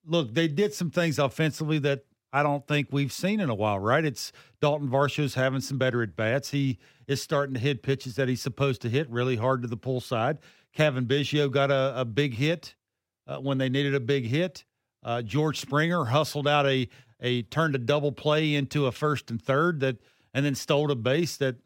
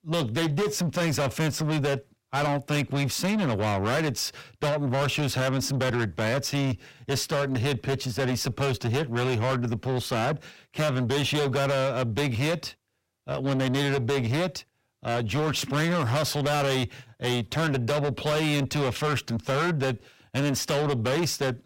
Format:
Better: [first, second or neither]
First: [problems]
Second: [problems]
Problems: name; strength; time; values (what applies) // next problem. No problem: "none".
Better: first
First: none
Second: distortion; heavy; 6 dB below the speech